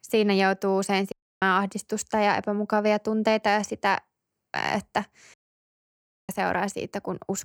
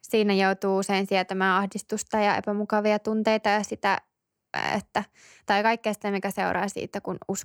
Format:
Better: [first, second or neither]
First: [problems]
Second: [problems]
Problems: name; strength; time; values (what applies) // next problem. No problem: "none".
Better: second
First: audio cutting out; at 1 s and at 5.5 s for 1 s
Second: none